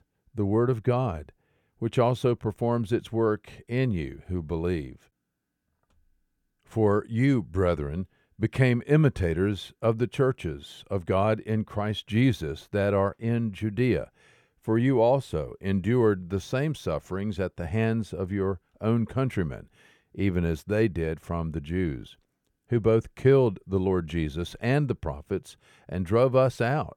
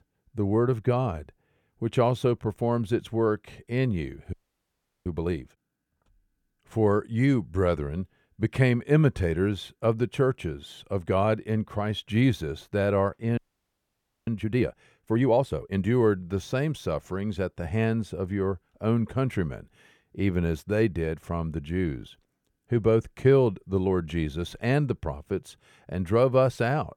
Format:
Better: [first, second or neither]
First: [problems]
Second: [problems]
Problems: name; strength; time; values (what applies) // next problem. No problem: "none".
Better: first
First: none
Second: audio freezing; at 4.5 s for 0.5 s and at 13 s for 1 s